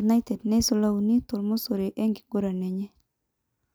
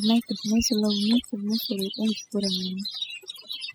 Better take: first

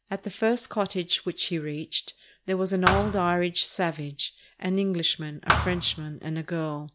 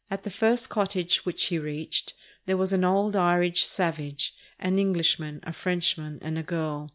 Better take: second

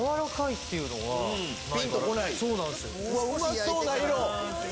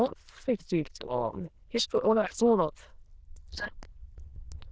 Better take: first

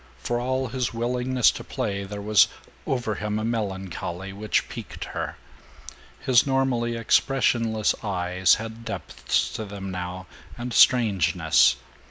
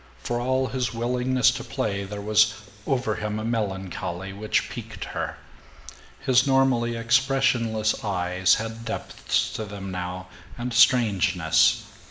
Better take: first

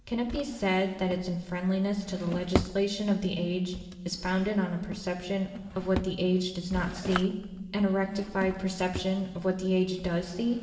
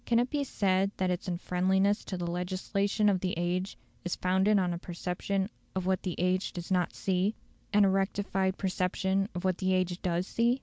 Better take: second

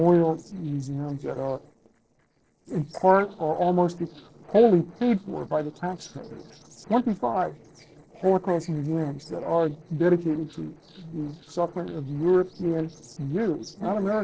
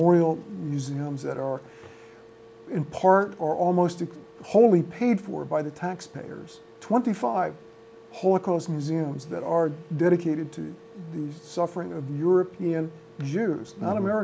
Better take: second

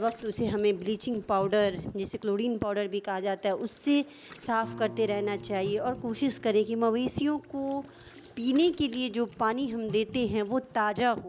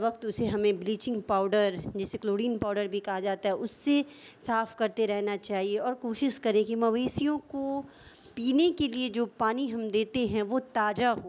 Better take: second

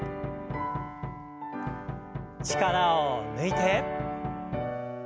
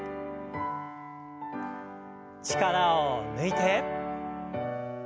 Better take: second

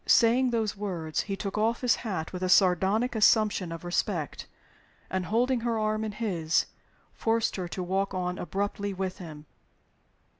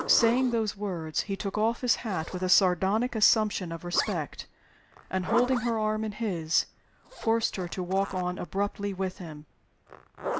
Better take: first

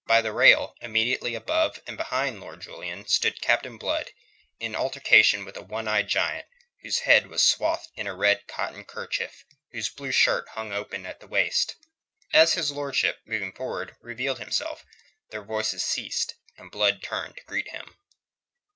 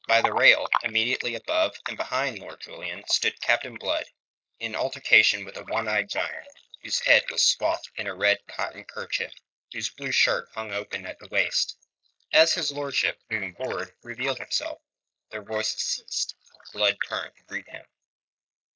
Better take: first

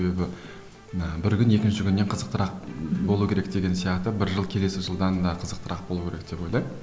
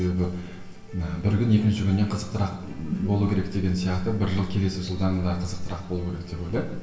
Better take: first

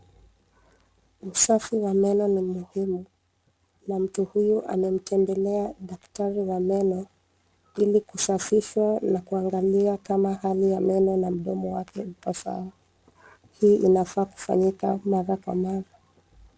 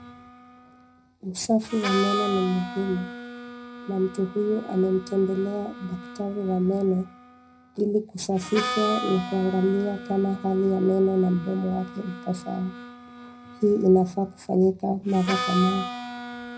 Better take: first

